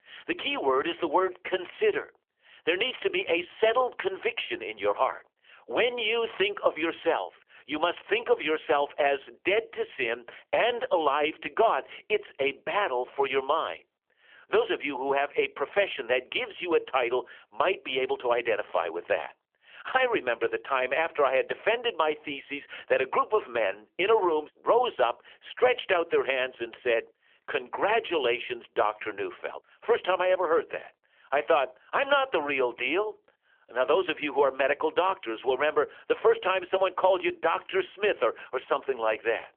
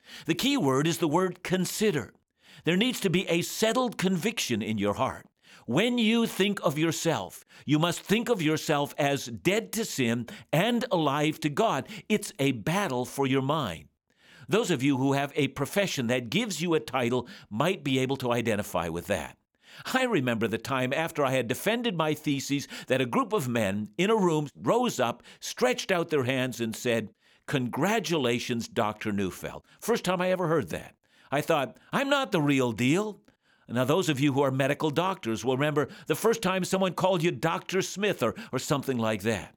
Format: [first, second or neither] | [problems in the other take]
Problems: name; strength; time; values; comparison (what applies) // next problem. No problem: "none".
second | phone-call audio; nothing above 3.5 kHz